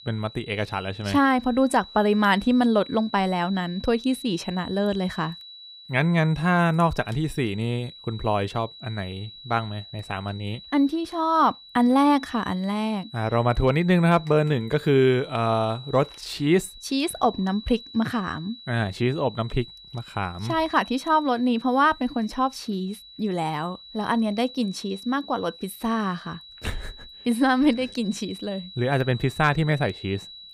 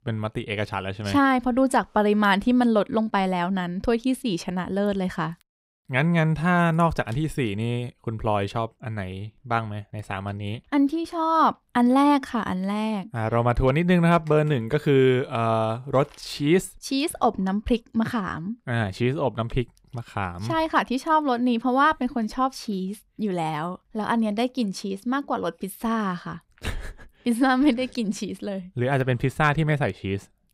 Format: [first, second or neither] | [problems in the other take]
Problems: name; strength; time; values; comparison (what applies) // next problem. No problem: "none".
second | high-pitched whine; noticeable; throughout; 4 kHz, 15 dB below the speech